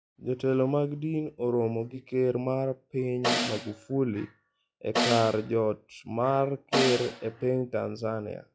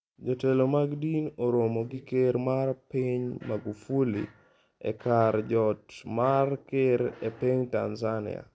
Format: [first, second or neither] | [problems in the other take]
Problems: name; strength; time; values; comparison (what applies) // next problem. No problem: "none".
second | noise reduction (classical method log-MMSE)